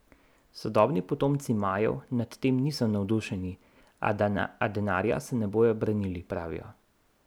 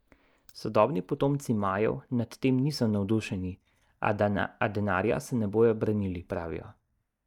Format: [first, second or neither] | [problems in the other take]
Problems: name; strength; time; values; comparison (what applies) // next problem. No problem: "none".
first | noise reduction (neural mask model DeepFilterNet 3)